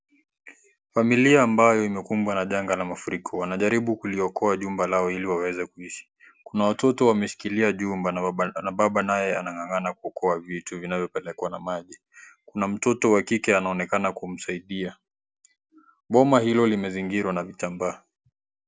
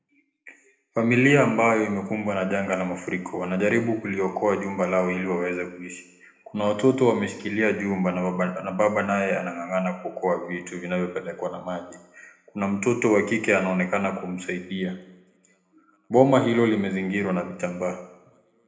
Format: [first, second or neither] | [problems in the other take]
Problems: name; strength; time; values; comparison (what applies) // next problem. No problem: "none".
first | room echo; dies away in 0.9 s